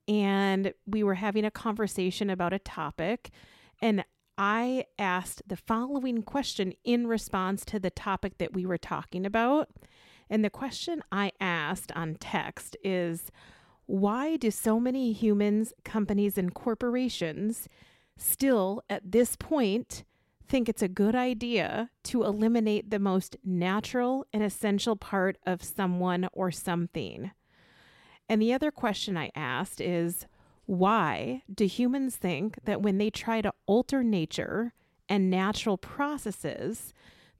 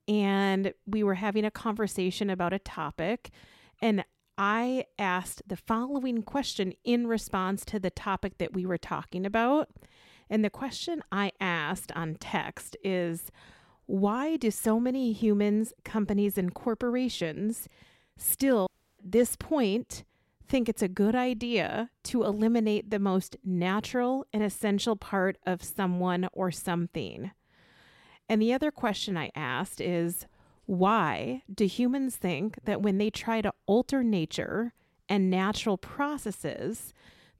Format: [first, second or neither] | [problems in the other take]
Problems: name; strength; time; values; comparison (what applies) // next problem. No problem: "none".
first | audio cutting out; at 19 s